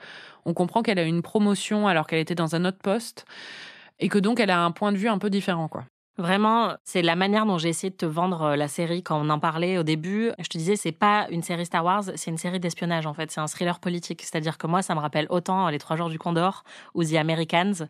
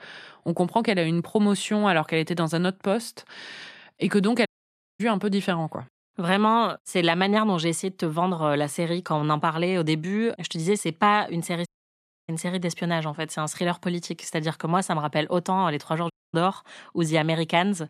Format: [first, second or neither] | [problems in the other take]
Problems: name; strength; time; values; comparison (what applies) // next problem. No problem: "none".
first | audio cutting out; at 4.5 s for 0.5 s, at 12 s for 0.5 s and at 16 s